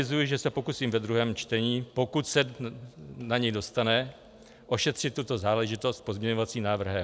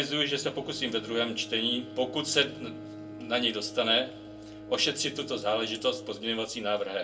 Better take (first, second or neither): first